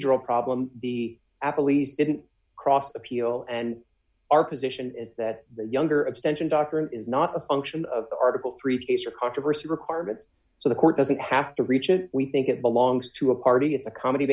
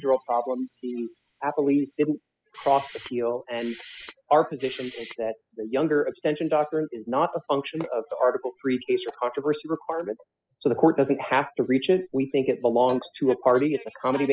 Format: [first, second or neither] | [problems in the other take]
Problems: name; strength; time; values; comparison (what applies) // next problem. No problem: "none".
first | noise reduction (classical method spectral subtraction)